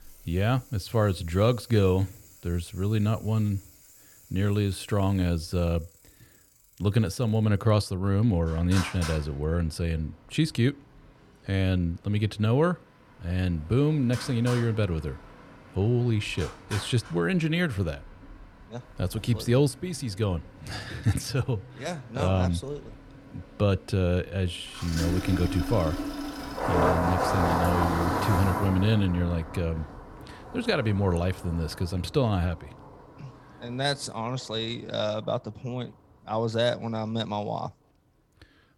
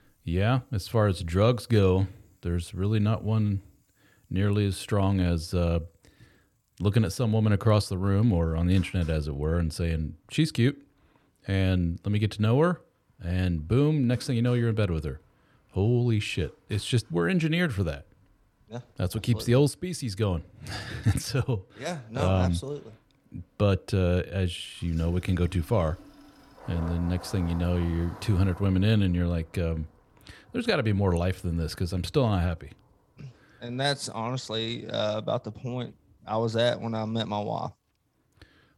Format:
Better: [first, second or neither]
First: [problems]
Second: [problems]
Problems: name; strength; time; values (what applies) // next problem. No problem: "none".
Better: second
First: traffic noise; loud; throughout; 5 dB below the speech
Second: traffic noise; faint; throughout; 25 dB below the speech